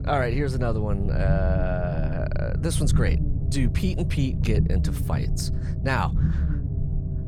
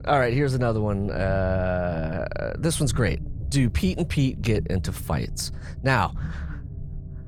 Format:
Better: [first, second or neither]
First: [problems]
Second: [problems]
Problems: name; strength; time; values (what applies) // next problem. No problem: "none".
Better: second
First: low rumble; loud; throughout; 8 dB below the speech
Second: low rumble; faint; throughout; 20 dB below the speech